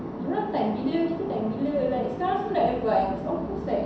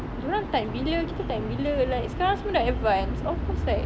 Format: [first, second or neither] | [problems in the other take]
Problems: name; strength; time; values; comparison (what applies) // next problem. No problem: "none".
second | room echo; dies away in 0.7 s